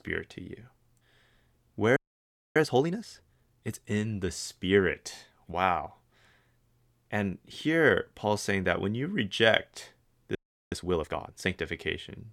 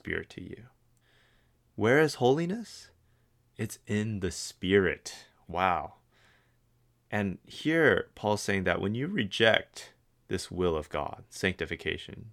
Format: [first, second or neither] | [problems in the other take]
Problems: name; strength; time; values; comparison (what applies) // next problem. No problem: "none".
second | audio freezing; at 2 s for 0.5 s and at 10 s